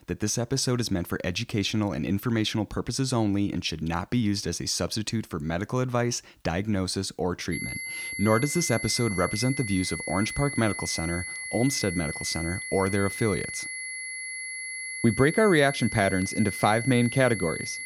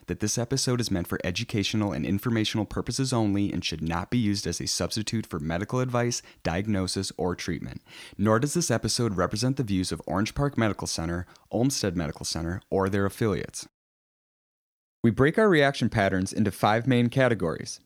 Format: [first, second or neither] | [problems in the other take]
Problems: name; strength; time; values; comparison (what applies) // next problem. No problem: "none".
second | high-pitched whine; loud; from 7.5 s on; 2 kHz, 6 dB below the speech